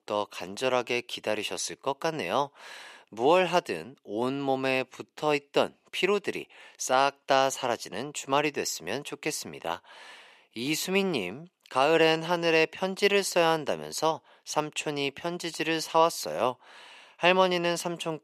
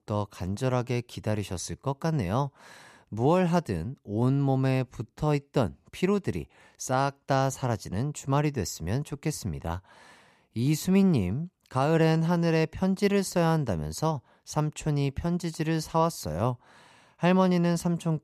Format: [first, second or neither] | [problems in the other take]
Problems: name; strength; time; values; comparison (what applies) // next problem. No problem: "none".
second | thin; somewhat; fading below 450 Hz